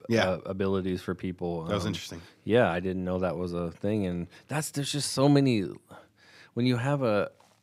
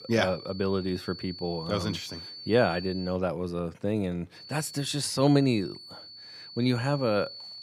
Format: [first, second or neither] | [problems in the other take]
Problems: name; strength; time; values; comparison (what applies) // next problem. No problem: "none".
first | high-pitched whine; noticeable; until 3 s and from 4.5 s on; 4.5 kHz, 15 dB below the speech